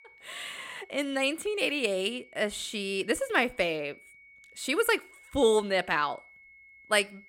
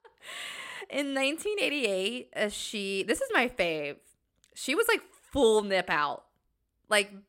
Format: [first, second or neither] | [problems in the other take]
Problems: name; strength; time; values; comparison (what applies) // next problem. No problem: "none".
second | high-pitched whine; faint; throughout; 2 kHz, 25 dB below the speech